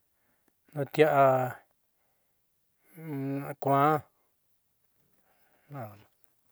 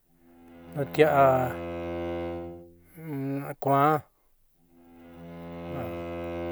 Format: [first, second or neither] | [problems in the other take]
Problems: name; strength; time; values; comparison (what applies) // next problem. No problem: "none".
first | background sound (Bowed string instrument); 9 dB below the speech